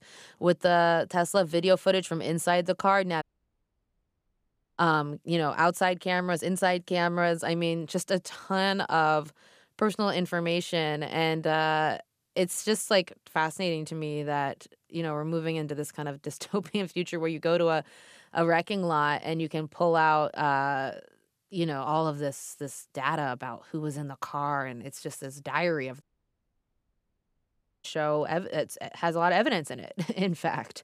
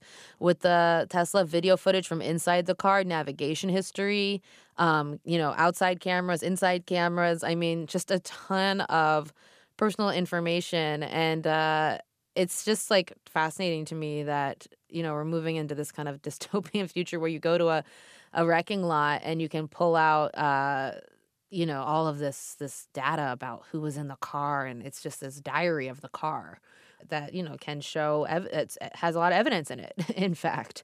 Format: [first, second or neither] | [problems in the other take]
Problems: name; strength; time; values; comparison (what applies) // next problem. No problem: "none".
second | audio cutting out; at 3 s for 1.5 s and at 26 s for 2 s